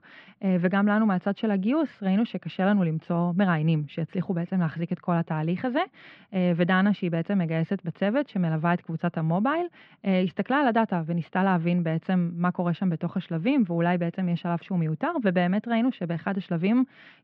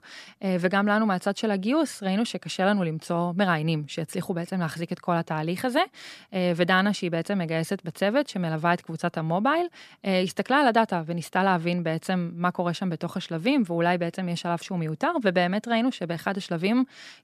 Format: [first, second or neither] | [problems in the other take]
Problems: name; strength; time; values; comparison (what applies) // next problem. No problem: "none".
second | muffled; very; fading above 3 kHz